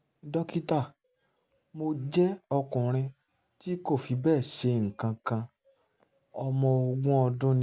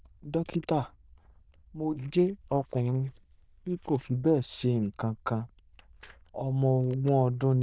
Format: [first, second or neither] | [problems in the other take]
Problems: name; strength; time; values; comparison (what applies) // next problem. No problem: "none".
first | noise reduction (neural diffusion model UNIVERSE++)